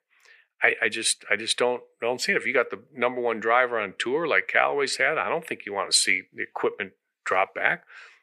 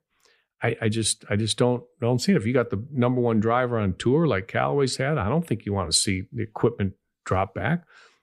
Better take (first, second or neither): second